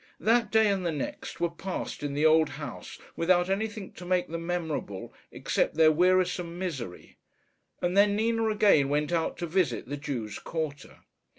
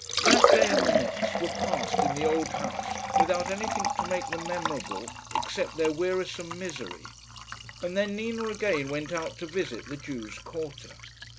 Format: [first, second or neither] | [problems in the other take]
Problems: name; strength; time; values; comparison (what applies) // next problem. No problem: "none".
first | background sound (Liquid); 2 dB above the speech